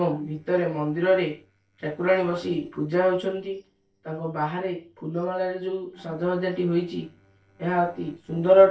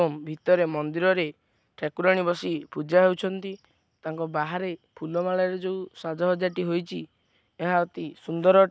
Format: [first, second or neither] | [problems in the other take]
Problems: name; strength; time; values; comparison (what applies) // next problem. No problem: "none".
second | noise reduction (neural separator model SepFormer DNS4)